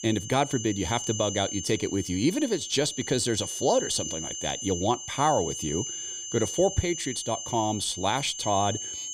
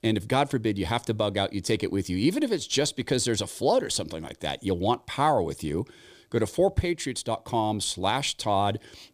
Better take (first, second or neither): second